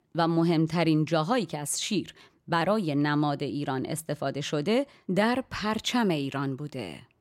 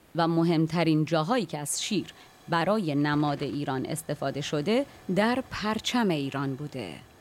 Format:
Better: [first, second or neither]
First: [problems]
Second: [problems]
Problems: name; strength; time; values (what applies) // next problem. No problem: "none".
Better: first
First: none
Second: hiss; faint; throughout; 25 dB below the speech